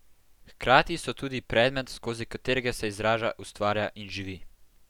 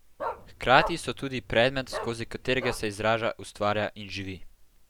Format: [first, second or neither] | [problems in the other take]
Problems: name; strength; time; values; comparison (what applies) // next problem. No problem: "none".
first | background sound (Bark); 10 dB below the speech